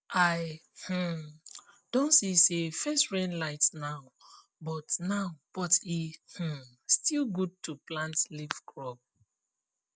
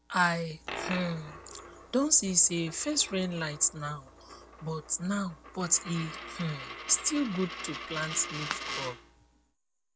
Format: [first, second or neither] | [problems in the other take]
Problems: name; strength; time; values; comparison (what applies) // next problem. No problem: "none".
first | background sound (Coin (dropping)); 11 dB below the speech